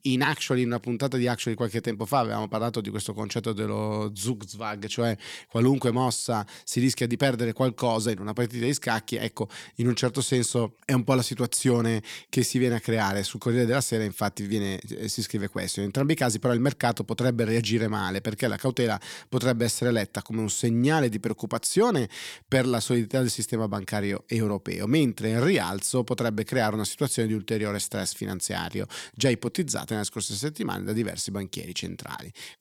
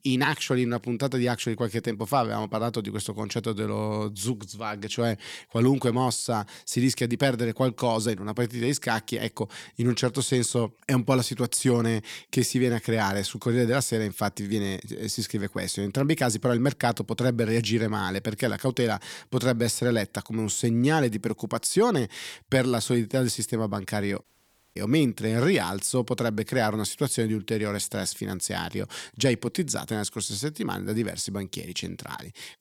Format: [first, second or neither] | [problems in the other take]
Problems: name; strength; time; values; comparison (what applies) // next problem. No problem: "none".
first | audio cutting out; at 24 s for 0.5 s